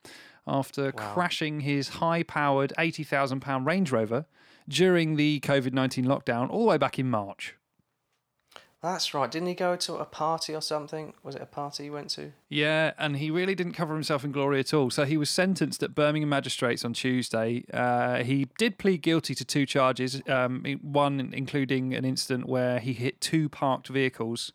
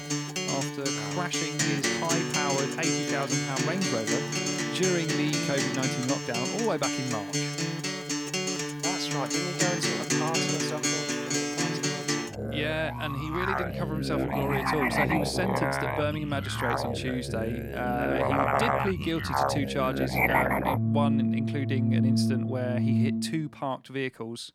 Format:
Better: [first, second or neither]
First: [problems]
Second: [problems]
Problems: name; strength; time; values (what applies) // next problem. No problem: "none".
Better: first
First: none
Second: background music; very loud; throughout; 4 dB above the speech